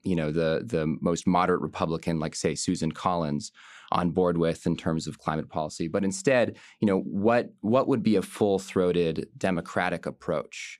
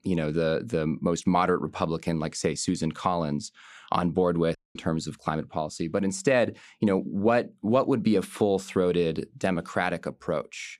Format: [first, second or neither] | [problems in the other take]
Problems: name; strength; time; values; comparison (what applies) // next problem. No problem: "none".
first | audio cutting out; at 4.5 s